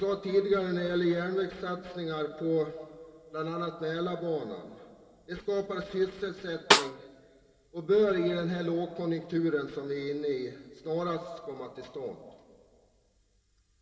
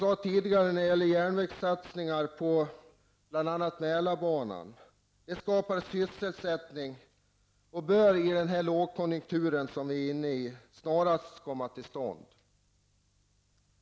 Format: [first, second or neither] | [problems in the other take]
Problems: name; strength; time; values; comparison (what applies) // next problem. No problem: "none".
second | background sound (Snare drum); 3 dB above the speech // room echo; dies away in 2.3 s